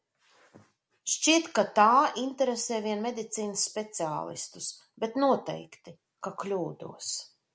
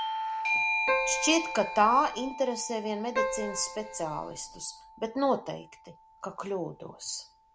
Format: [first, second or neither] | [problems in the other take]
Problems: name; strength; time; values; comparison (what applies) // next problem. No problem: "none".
first | background sound (Bell / Doorbell + Keyboard (musical)); 3 dB below the speech